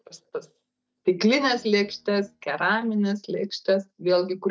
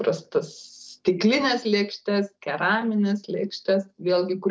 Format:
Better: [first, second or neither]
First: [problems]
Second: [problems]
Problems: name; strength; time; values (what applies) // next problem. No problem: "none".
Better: second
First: noise reduction (neural mask model DeepFilterNet 3)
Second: none